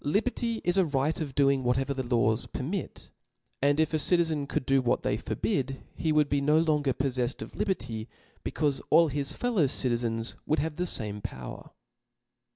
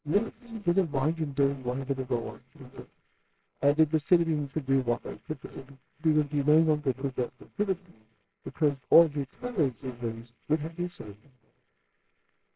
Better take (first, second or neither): first